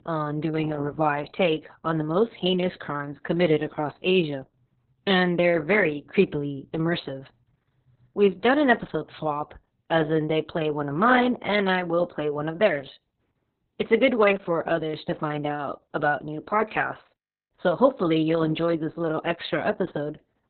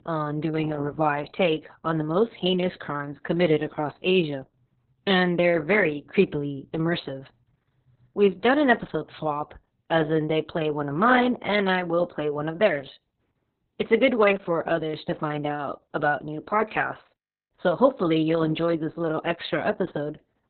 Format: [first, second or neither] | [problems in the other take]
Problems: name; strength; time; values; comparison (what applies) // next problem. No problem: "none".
neither | garbled, watery; badly; nothing above 4 kHz; the same in both